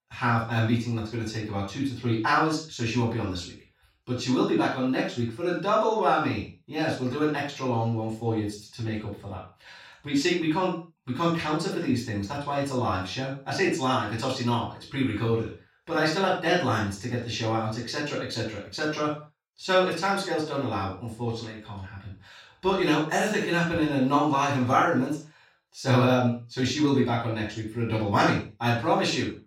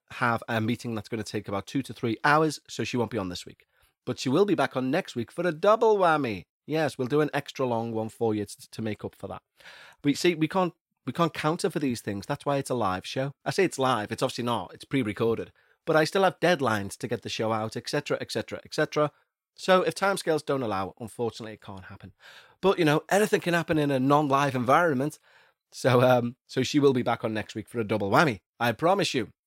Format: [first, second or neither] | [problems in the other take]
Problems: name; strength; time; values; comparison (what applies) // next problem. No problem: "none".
second | room echo; noticeable; dies away in 0.3 s // off-mic speech; far